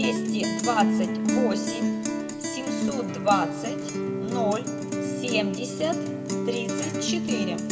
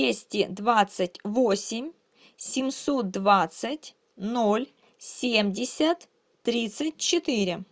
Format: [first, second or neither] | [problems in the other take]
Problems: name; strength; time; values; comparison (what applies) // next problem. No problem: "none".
second | background sound (Guitar); 3 dB above the speech // room echo; dies away in 1.4 s